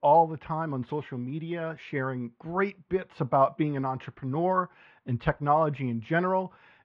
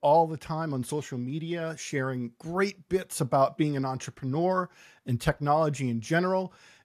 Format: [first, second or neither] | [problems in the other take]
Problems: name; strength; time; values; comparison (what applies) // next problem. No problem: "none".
second | muffled; very; fading above 3 kHz